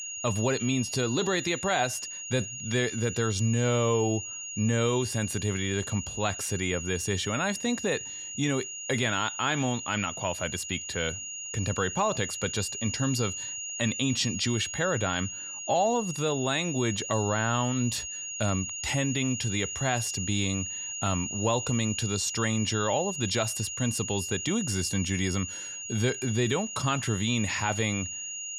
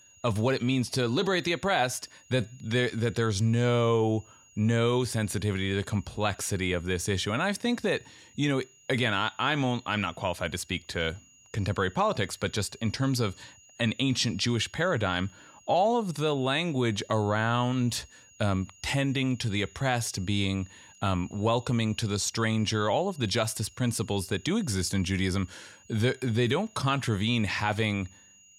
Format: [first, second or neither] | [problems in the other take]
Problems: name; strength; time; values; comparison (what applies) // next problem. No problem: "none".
second | high-pitched whine; loud; throughout; 7 kHz, 5 dB below the speech; faint in the second